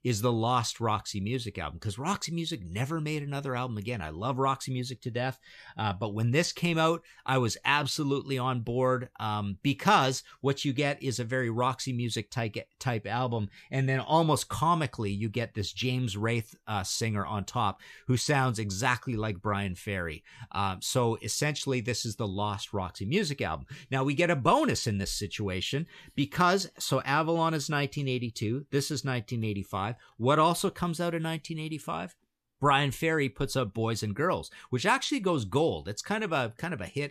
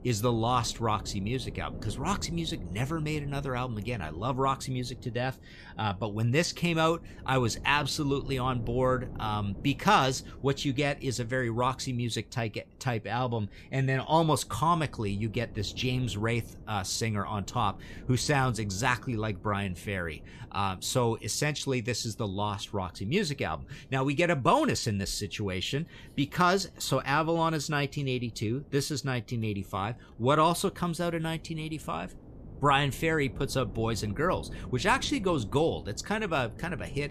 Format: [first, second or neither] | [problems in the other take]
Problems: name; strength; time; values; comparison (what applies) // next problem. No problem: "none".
first | wind noise on the microphone; occasional gusts; 25 dB below the speech